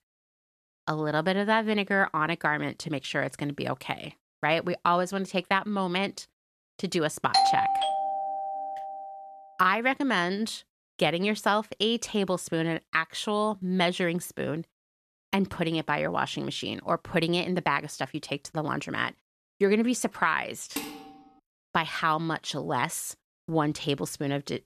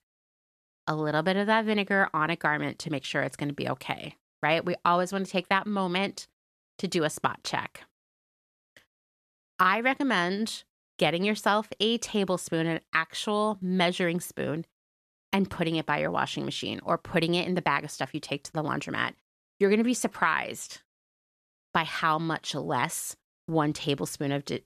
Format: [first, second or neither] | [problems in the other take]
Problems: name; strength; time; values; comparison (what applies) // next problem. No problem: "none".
second | doorbell; loud; from 7.5 to 9 s; peak 6 dB above the speech // clattering dishes; noticeable; at 21 s; peak 8 dB below the speech